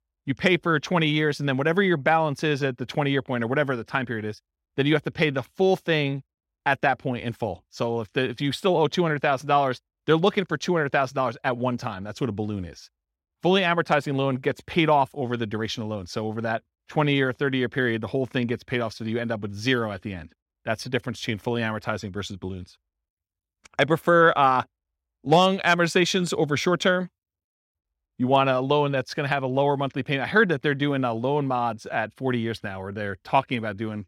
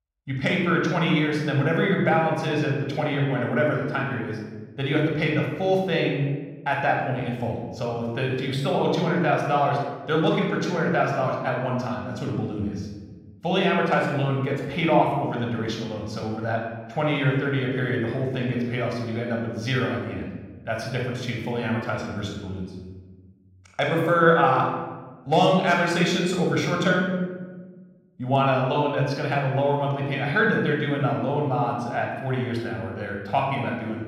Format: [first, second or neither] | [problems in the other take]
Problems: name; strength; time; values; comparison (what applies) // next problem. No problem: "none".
first | room echo; noticeable; dies away in 1.2 s // off-mic speech; somewhat distant